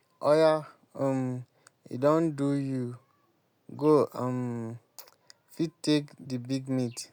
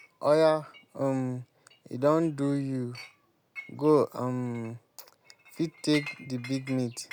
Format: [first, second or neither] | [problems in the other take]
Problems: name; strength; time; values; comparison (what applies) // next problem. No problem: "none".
first | background sound (Chink, clink); 19 dB below the speech